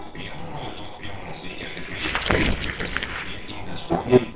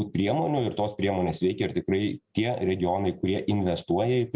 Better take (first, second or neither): second